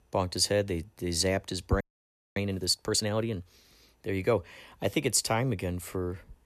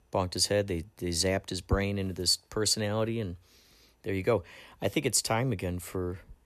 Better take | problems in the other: second | audio freezing; at 2 s for 0.5 s

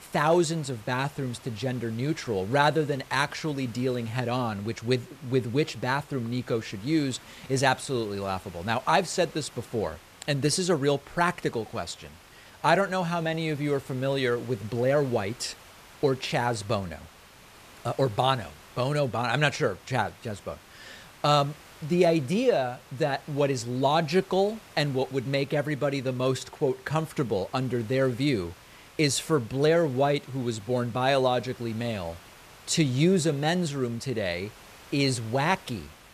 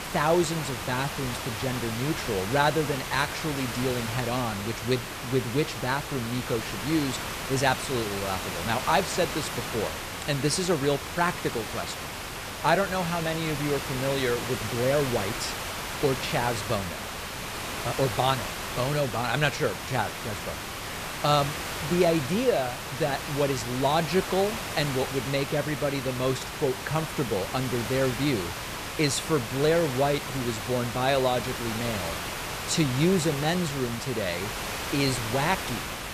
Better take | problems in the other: first | hiss; loud; throughout; 5 dB below the speech; faint in the first

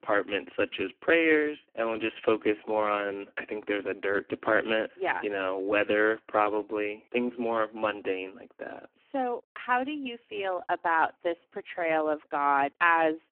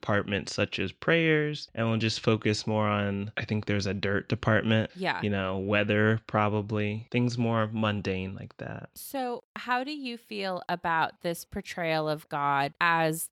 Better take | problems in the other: second | phone-call audio; poor line

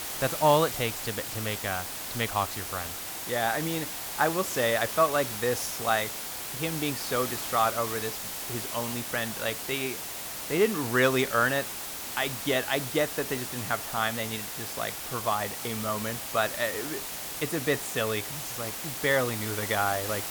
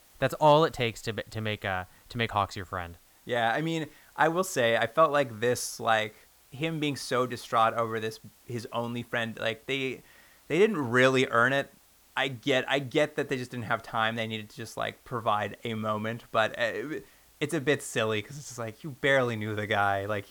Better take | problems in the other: second | hiss; loud; throughout; 4 dB below the speech; faint in the second

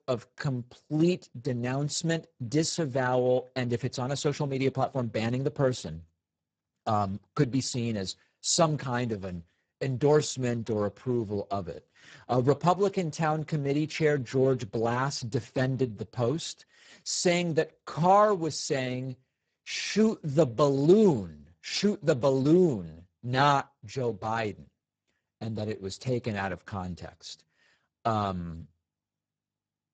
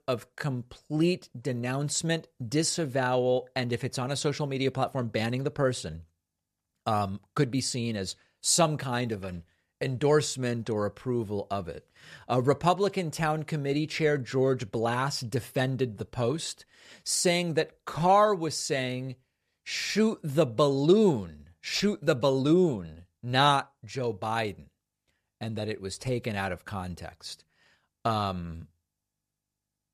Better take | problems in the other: second | garbled, watery; badly; nothing above 8 kHz

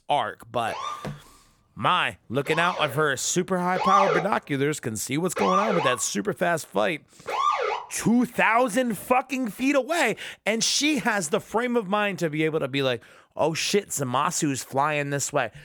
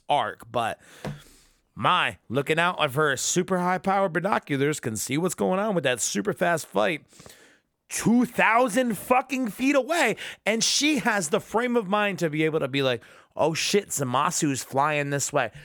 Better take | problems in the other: second | siren; loud; from 0.5 to 8 s; peak 4 dB above the speech

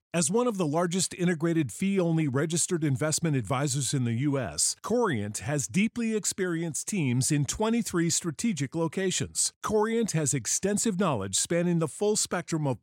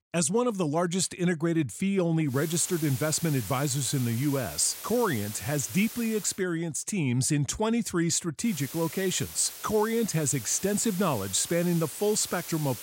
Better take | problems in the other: first | hiss; noticeable; from 2.5 to 6.5 s and from 8.5 s on; 10 dB below the speech

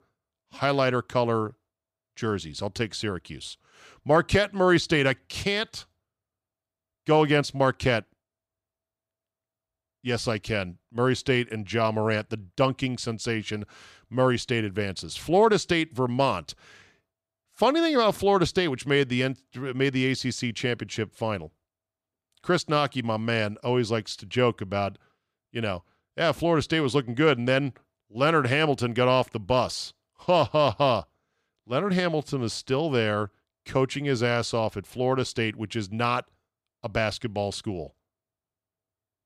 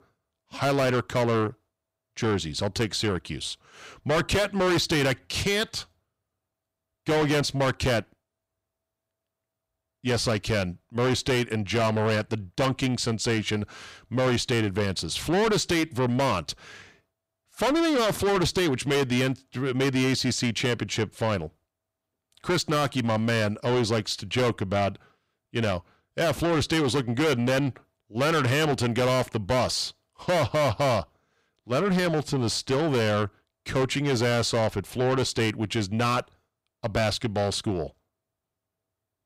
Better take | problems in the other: first | distortion; heavy; 6 dB below the speech

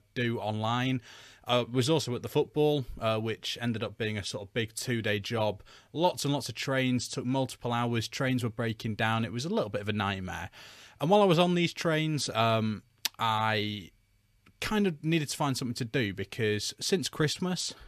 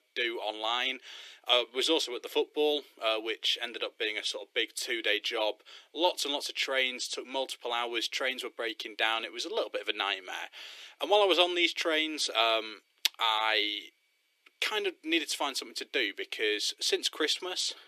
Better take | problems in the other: first | thin; very; fading below 300 Hz

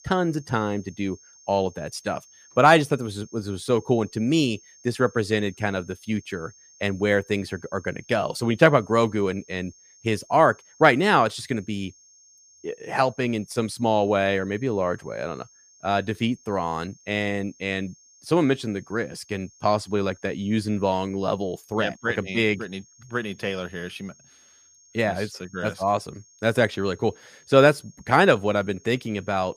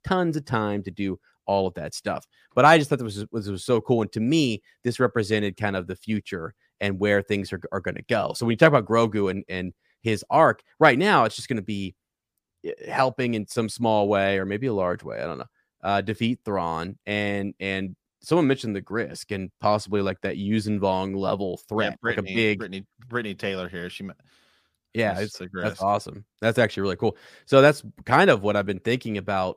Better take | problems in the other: second | high-pitched whine; faint; throughout; 6.5 kHz, 25 dB below the speech

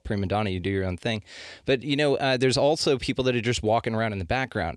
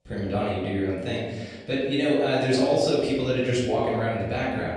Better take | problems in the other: first | room echo; noticeable; dies away in 1.3 s // off-mic speech; far

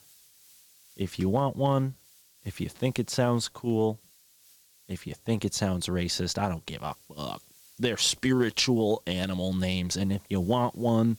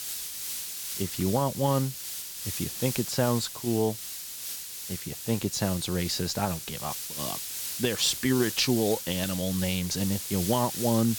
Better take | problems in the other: first | hiss; loud; throughout; 5 dB below the speech; faint in the first

